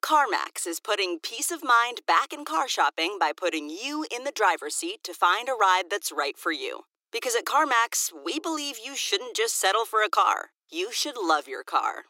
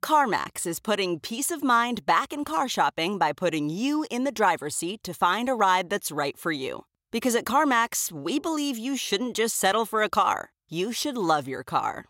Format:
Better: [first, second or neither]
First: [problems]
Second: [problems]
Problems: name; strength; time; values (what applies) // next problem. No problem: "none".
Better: second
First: thin; very; fading below 300 Hz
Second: none